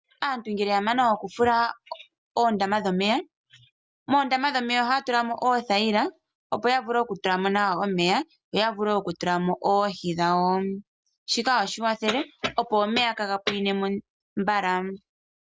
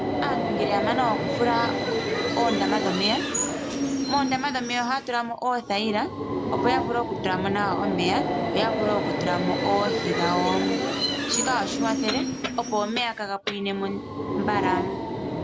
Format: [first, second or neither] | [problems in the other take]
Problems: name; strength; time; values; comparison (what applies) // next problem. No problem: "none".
first | background sound (Subway, metro, underground); as loud as the speech